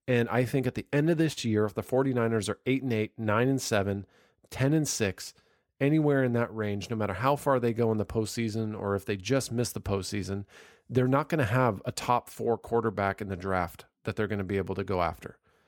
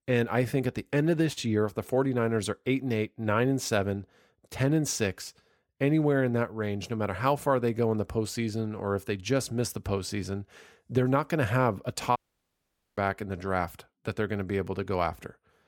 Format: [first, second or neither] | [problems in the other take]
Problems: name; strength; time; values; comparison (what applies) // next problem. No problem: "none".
first | audio cutting out; at 12 s for 1 s